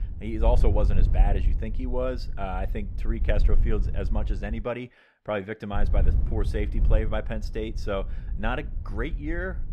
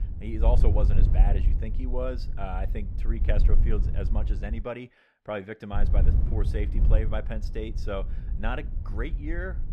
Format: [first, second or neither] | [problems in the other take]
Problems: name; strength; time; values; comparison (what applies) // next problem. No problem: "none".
first | wind noise on the microphone; heavy; until 4.5 s and from 5.5 s on; 10 dB below the speech; occasional gusts in the first